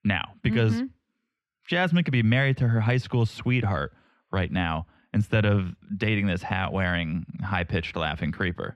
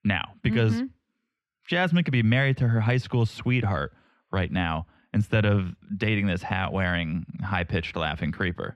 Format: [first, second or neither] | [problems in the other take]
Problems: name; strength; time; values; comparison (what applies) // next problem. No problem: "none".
neither | muffled; slightly; fading above 2.5 kHz; the same in both